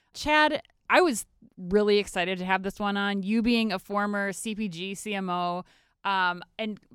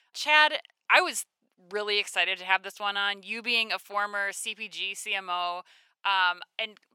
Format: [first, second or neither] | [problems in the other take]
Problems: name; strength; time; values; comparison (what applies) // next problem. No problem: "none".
first | thin; very; fading below 750 Hz